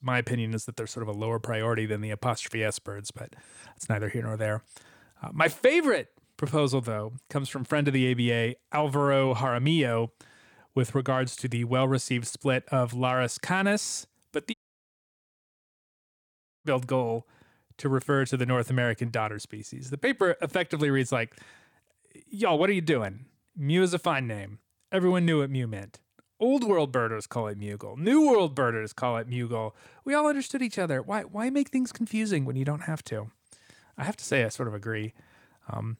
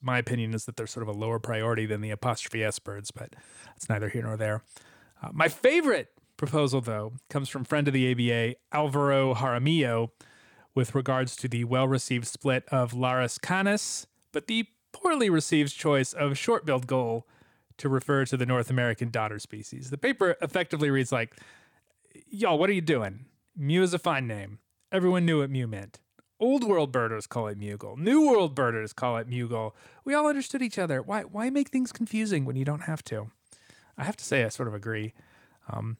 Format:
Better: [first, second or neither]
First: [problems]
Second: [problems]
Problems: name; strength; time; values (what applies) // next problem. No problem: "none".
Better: second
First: audio cutting out; at 15 s for 2 s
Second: none